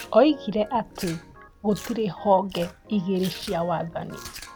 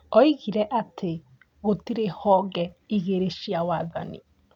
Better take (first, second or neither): second